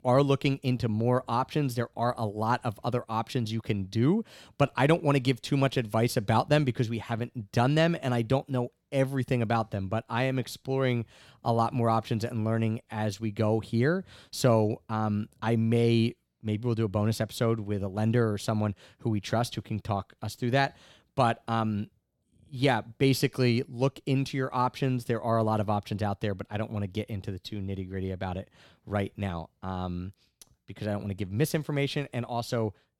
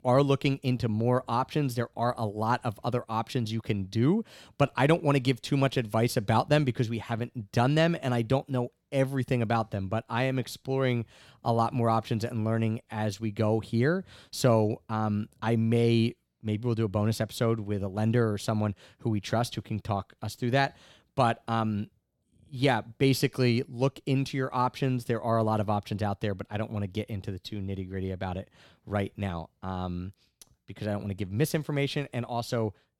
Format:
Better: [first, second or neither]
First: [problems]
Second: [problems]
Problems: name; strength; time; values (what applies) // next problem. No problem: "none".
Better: neither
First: none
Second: none